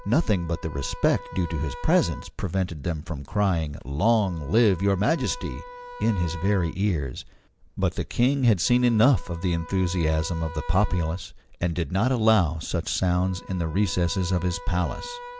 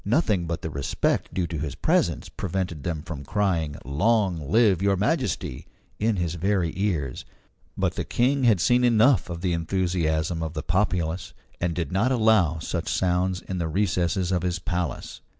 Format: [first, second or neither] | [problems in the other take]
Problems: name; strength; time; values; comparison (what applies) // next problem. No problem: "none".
second | background sound (Wind instrument, woodwind instrument); 19 dB below the speech